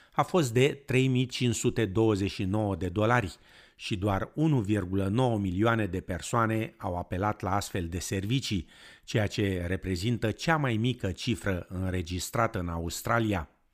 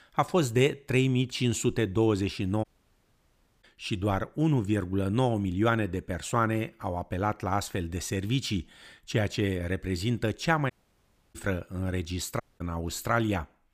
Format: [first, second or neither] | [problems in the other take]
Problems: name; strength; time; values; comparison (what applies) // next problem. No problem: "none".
first | audio cutting out; at 2.5 s for 1 s, at 11 s for 0.5 s and at 12 s